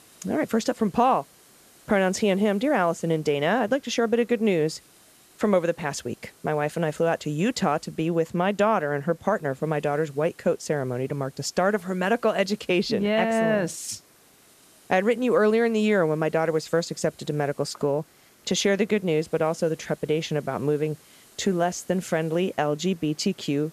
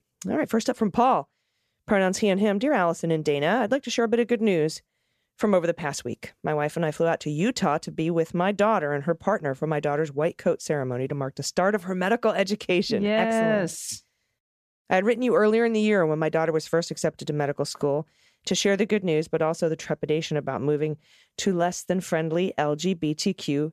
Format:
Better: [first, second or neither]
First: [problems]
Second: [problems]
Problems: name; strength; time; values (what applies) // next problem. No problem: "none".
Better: second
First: hiss; faint; throughout; 30 dB below the speech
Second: none